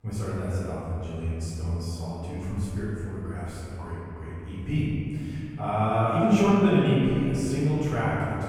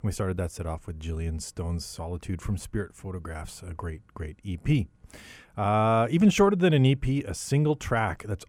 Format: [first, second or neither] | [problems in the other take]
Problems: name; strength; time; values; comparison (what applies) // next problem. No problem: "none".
second | off-mic speech; far // room echo; strong; dies away in 2.6 s